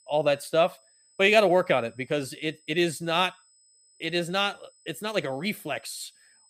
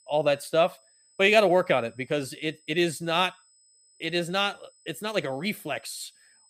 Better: neither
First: high-pitched whine; faint; throughout; 8 kHz, 30 dB below the speech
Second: high-pitched whine; faint; throughout; 8 kHz, 30 dB below the speech

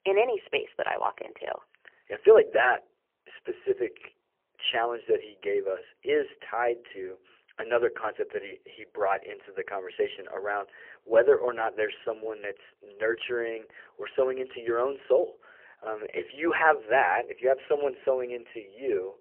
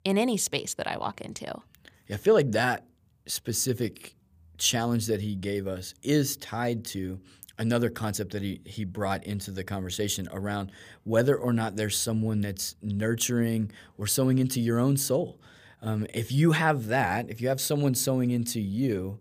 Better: second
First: phone-call audio; poor line; nothing above 3 kHz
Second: none

